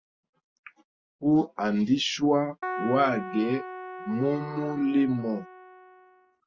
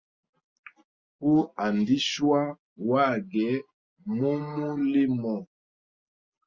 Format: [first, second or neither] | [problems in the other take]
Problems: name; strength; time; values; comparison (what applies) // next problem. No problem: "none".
second | background sound (Keyboard (musical)); 10 dB below the speech